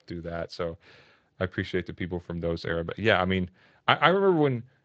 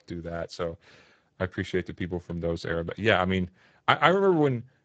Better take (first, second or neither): first